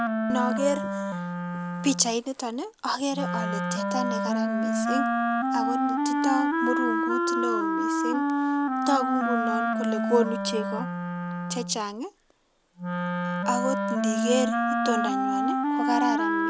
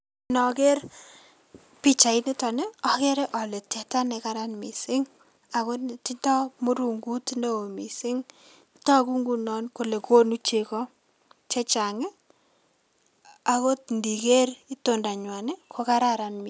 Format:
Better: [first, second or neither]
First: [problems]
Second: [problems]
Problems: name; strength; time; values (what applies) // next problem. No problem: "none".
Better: second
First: background sound (Wind instrument, woodwind instrument); 4 dB above the speech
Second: none